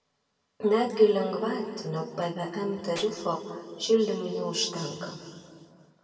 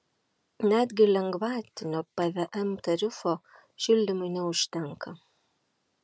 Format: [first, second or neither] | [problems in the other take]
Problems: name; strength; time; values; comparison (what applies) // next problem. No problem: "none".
second | background sound (Tools); 12 dB below the speech // room echo; dies away in 2.2 s